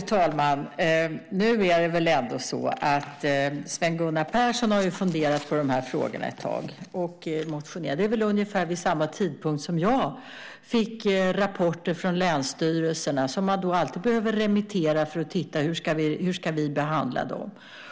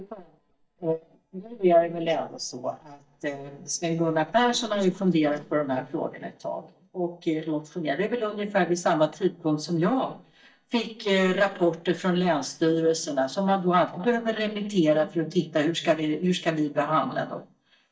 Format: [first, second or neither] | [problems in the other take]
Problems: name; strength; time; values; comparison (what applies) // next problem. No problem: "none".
first | noise reduction (neural mask model DeepFilterNet 3)